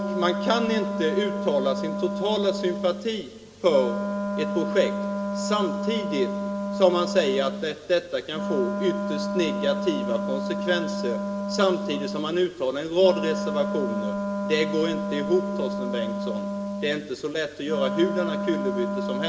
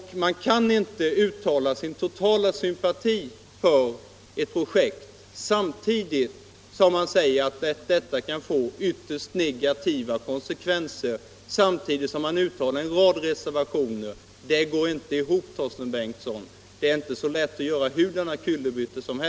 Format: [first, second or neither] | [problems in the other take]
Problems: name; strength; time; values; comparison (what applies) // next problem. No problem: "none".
second | background sound (Wind instrument, woodwind instrument); 3 dB below the speech // room echo; dies away in 1.5 s